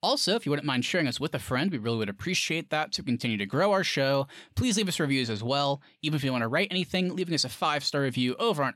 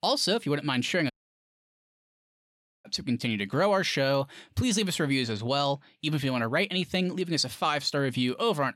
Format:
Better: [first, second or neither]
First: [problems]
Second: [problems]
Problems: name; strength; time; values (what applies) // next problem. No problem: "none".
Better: first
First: none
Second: audio cutting out; at 1 s for 1.5 s